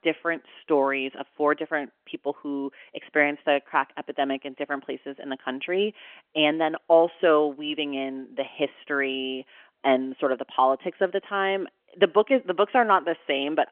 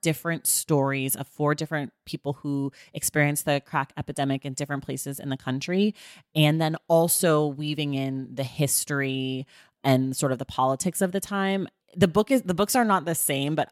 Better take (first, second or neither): second